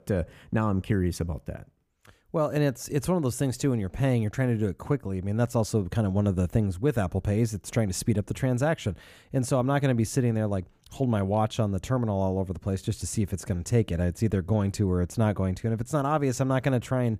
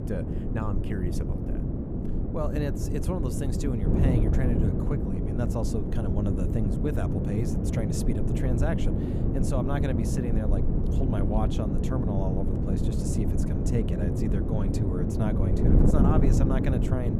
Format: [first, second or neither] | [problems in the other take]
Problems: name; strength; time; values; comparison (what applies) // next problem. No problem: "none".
first | wind noise on the microphone; heavy; 1 dB above the speech